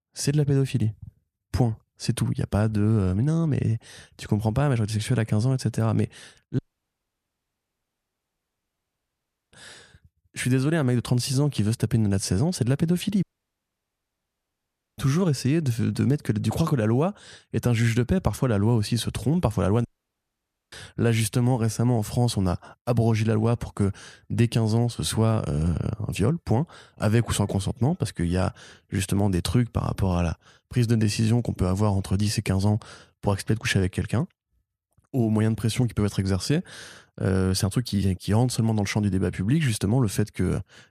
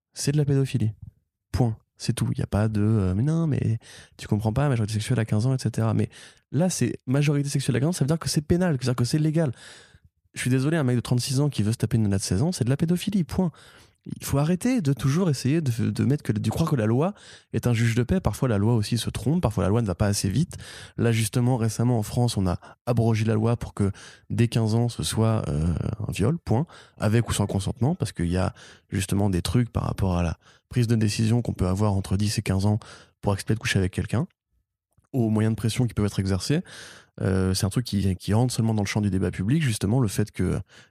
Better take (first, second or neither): second